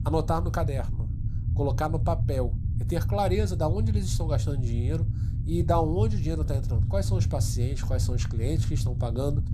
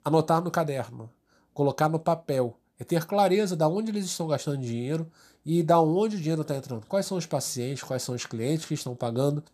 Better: second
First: low rumble; noticeable; throughout; 10 dB below the speech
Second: none

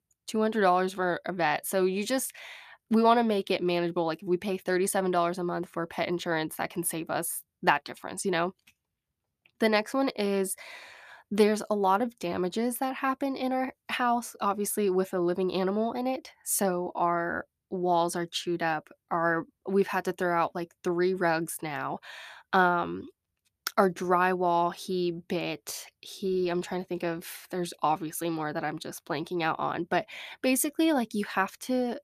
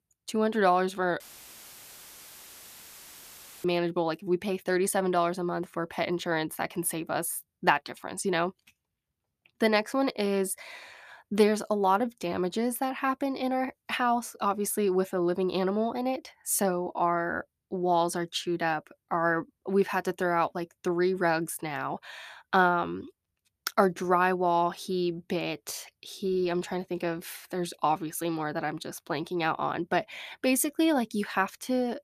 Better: first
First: none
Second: audio cutting out; filled with static; at 1 s for 2.5 s

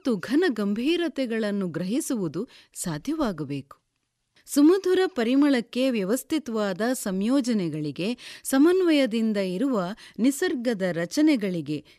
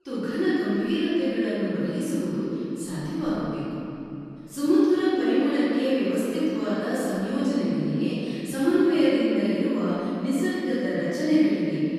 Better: first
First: none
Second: off-mic speech; far // room echo; strong; dies away in 3 s

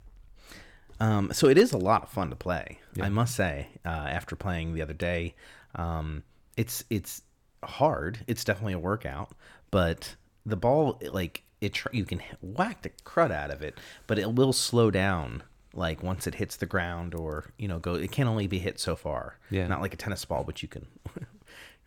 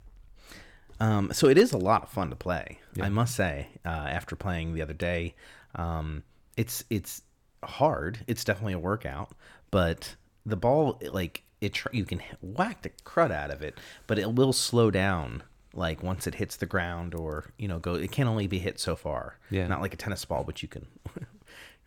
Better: neither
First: none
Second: none

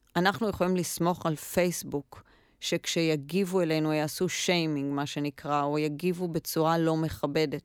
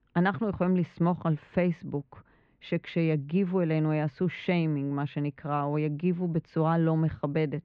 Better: first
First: none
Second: muffled; very; fading above 2.5 kHz

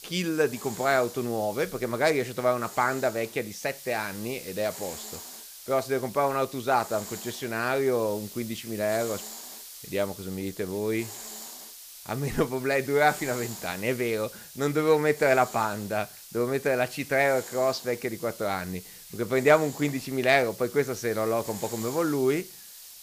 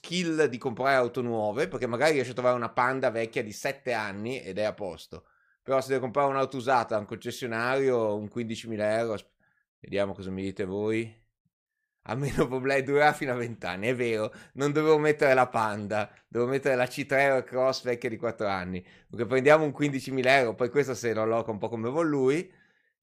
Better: second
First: hiss; noticeable; throughout; 15 dB below the speech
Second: none

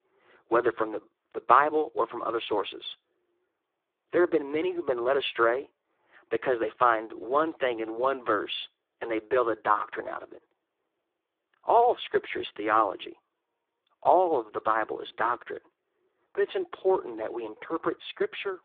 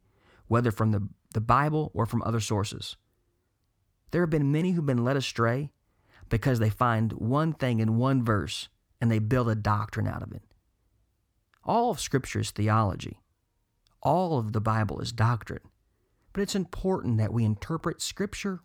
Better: second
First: phone-call audio; poor line; nothing above 3.5 kHz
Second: none

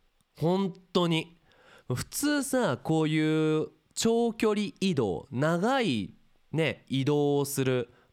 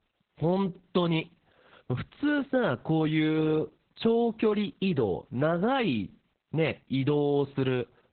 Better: first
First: none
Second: garbled, watery; badly; nothing above 4 kHz

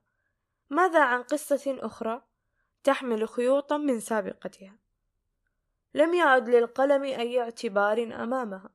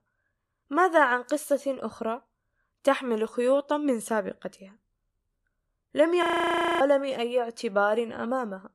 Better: first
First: none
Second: audio freezing; at 6 s for 0.5 s

